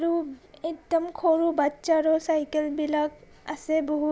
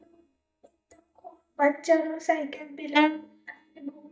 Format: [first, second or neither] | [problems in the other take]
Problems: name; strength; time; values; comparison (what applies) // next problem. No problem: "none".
first | noise reduction (neural mask model DeepFilterNet 3)